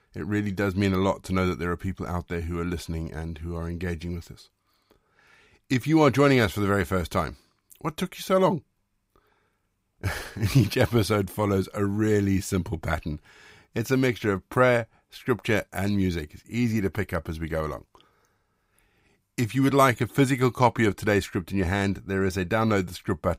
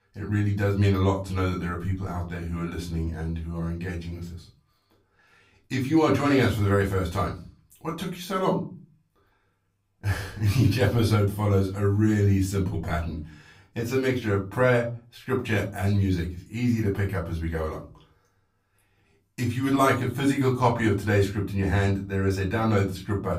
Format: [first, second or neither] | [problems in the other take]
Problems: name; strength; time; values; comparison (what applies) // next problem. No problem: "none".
first | off-mic speech; far // room echo; very slight; dies away in 0.3 s